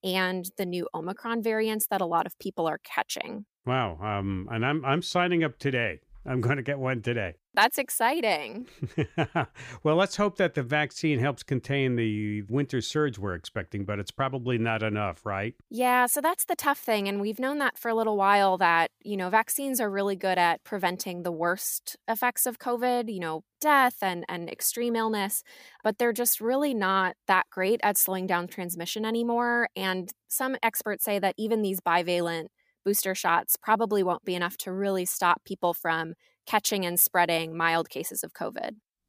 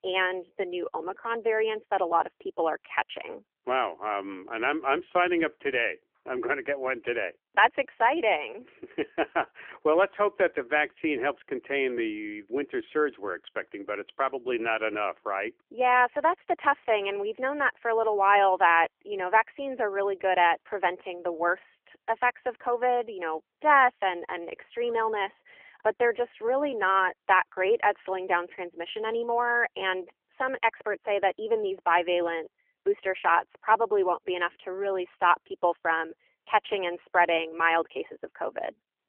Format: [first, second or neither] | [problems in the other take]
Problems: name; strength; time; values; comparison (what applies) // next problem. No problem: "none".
first | phone-call audio; nothing above 3 kHz